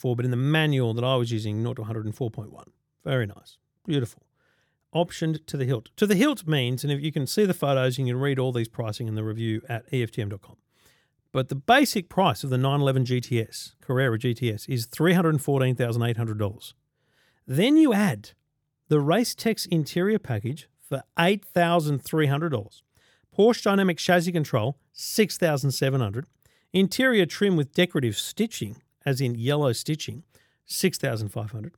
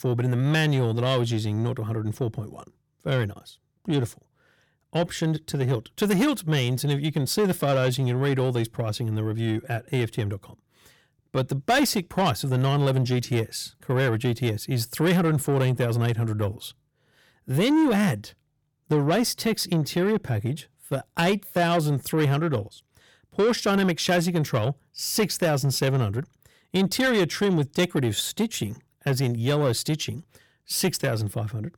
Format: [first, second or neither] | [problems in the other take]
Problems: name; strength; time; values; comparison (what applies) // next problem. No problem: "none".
first | distortion; slight; 10 dB below the speech